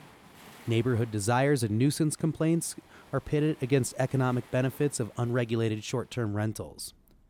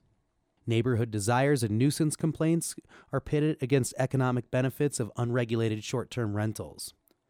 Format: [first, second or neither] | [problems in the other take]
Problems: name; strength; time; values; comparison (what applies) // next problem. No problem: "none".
second | rain or running water; faint; throughout; 25 dB below the speech